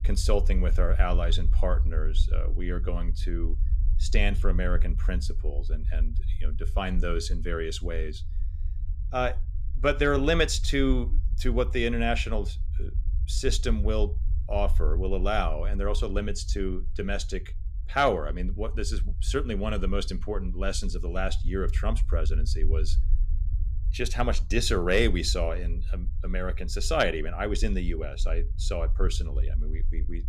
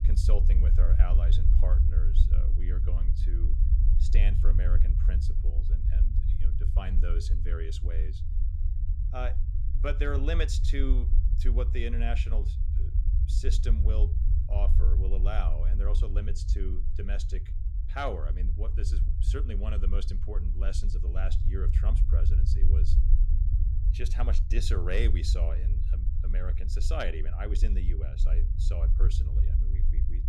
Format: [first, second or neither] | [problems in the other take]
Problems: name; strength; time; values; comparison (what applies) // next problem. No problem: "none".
first | low rumble; loud; throughout; 7 dB below the speech; faint in the first